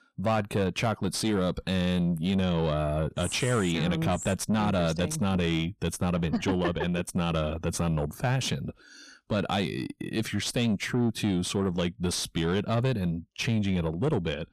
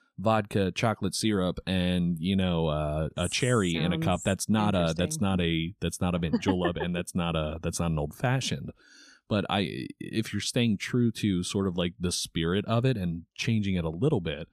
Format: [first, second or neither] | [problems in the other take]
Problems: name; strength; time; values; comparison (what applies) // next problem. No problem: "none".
second | distortion; slight; 10 dB below the speech